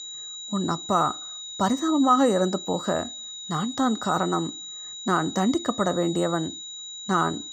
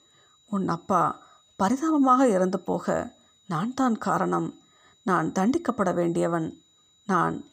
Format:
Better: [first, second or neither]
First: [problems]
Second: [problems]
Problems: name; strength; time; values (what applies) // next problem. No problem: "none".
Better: second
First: high-pitched whine; loud; throughout; 4 kHz, 10 dB below the speech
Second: high-pitched whine; faint; throughout; 4 kHz, 35 dB below the speech